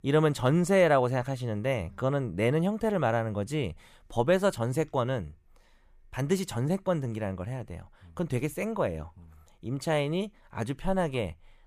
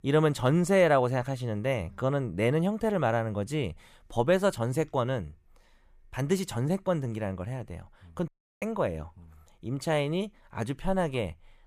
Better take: first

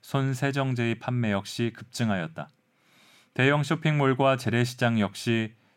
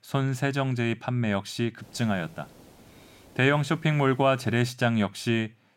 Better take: first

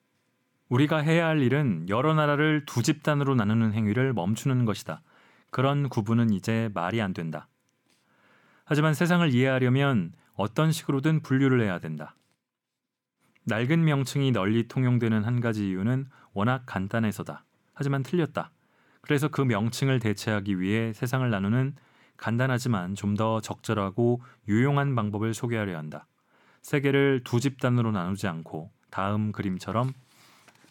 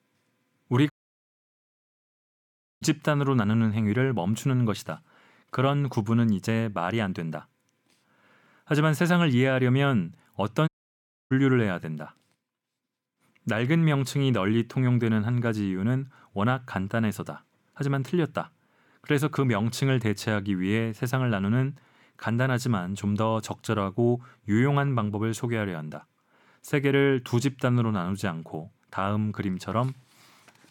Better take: first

